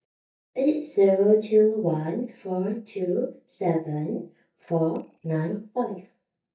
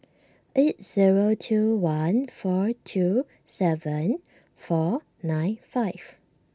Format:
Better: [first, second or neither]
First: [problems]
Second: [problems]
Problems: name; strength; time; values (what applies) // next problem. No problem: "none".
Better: second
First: noise reduction (neural mask model DeepFilterNet 3)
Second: none